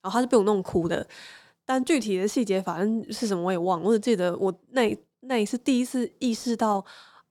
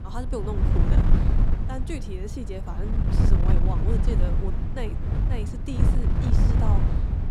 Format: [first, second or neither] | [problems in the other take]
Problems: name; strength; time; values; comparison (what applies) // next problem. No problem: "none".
first | wind noise on the microphone; heavy; 1 dB above the speech